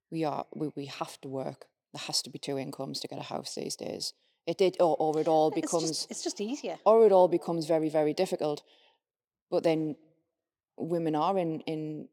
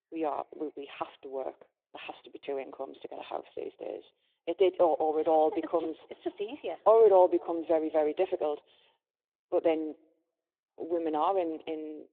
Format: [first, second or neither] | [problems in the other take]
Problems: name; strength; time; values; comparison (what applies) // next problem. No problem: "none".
first | phone-call audio